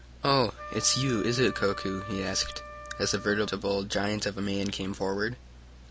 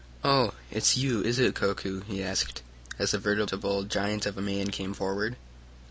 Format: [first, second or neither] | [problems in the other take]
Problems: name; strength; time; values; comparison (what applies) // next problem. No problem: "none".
second | background sound (Wind instrument, woodwind instrument); 13 dB below the speech